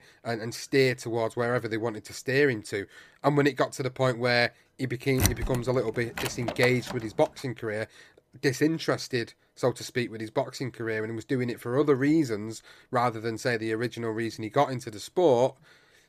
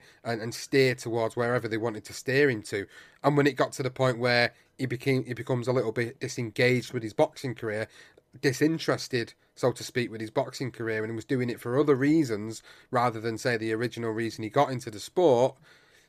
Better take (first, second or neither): second